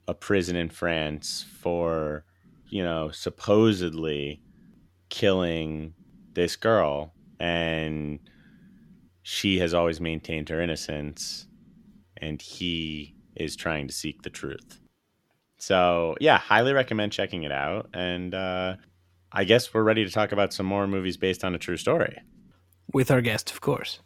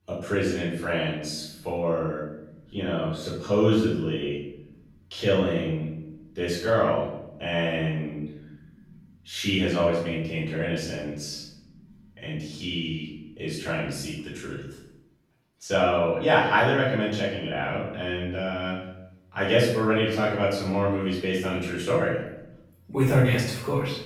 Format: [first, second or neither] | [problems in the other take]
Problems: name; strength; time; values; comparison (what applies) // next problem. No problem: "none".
first | off-mic speech; far // room echo; noticeable; dies away in 0.7 s